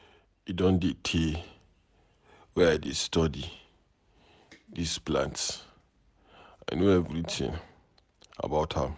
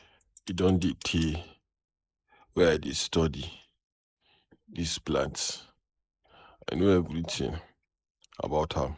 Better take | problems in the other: first | noise reduction (neural mask model Resemble Enhance denoiser)

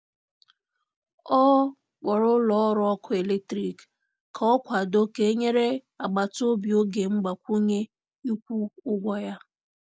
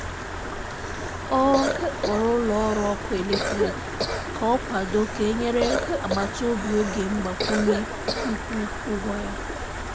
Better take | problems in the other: first | background sound (Cough + Stream); 2 dB below the speech

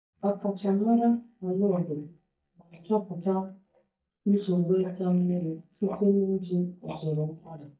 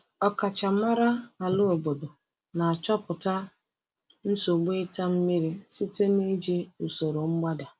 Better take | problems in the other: second | noise reduction (neural mask model DeepFilterNet 3)

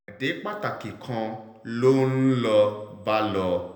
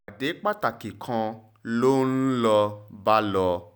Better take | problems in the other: second | room echo; dies away in 0.8 s

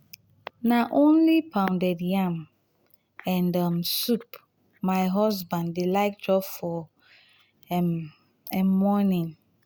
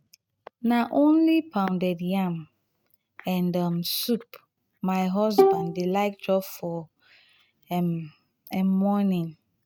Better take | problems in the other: first | noise reduction (neural mask model RNNoise)

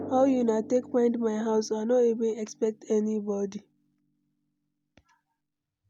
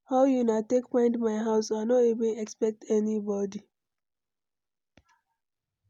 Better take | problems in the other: second | background sound (Drum); 18 dB below the speech

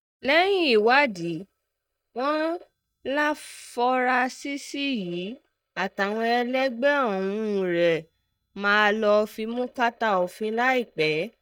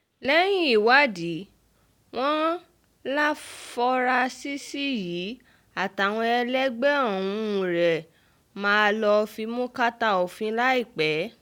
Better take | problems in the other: second | noise reduction (neural mask model DeepFilterNet 3)

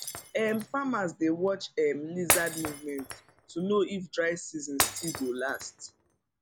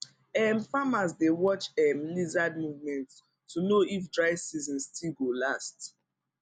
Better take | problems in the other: second | background sound (Shatter); 5 dB below the speech

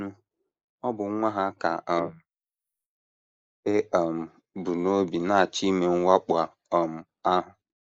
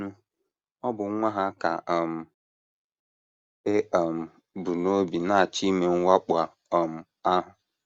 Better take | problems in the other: second | noise reduction (neural mask model Resemble Enhance denoiser)

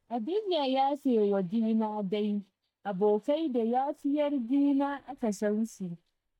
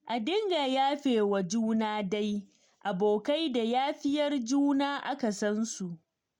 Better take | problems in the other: second | noise reduction (neural mask model DeepFilterNet 3)

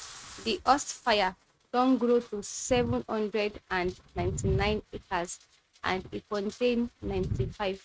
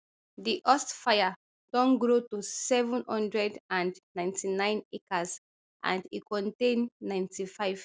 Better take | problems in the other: second | noise reduction (neural mask model RNNoise)

